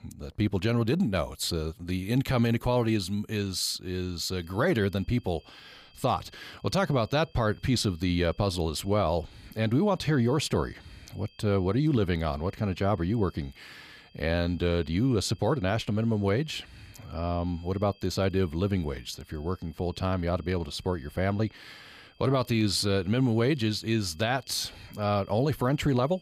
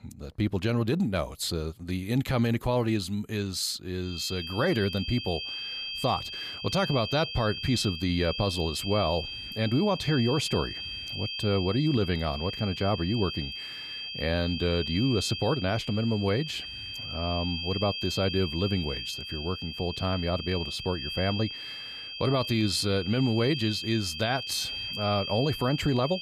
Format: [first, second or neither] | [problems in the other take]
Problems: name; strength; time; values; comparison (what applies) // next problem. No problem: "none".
first | high-pitched whine; loud; from 4 s on; 3 kHz, 5 dB below the speech; faint in the first